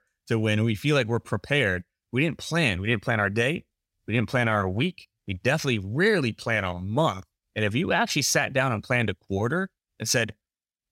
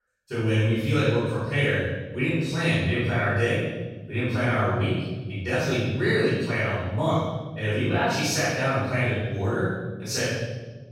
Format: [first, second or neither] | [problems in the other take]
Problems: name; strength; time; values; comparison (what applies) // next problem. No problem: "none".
first | room echo; strong; dies away in 1.2 s // off-mic speech; far